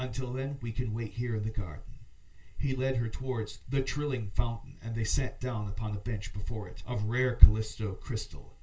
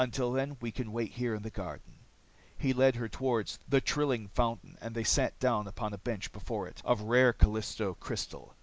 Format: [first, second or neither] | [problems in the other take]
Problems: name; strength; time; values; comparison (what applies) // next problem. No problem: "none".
second | room echo; dies away in 0.2 s